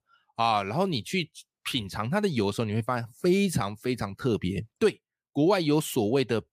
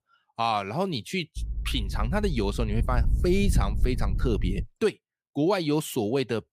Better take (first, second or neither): first